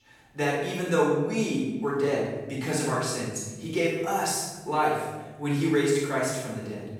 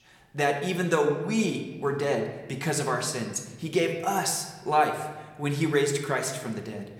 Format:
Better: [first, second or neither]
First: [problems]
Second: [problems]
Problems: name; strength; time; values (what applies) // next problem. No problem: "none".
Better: second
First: room echo; strong; dies away in 1.2 s // off-mic speech; far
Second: room echo; slight; dies away in 1.1 s